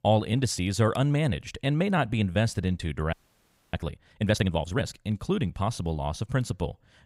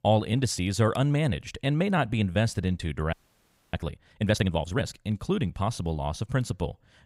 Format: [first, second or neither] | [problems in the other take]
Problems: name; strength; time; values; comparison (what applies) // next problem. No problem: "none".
neither | audio freezing; at 3 s for 0.5 s; the same in both